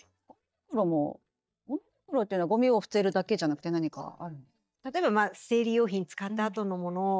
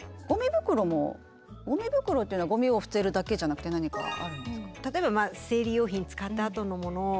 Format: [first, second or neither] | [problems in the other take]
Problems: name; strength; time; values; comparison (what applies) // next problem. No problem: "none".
second | noise reduction (neural mask model DeepFilterNet 3)